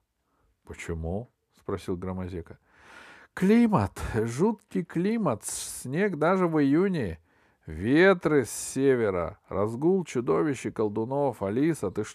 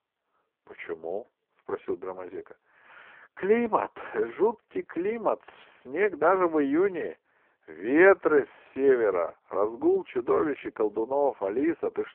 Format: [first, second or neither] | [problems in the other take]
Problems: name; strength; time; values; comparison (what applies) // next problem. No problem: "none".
first | phone-call audio; poor line